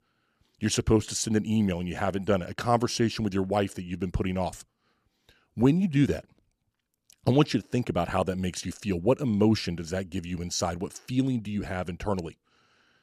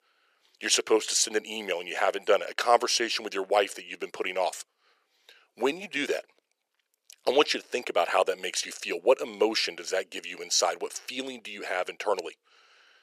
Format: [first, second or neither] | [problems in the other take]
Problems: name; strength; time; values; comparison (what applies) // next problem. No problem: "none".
first | thin; very; fading below 450 Hz